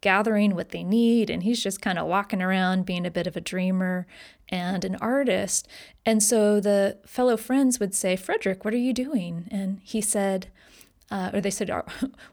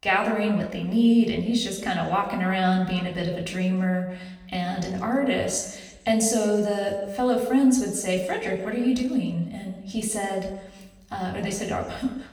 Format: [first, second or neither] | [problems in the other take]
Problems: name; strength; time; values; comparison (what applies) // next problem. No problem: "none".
first | room echo; slight; dies away in 1 s // off-mic speech; far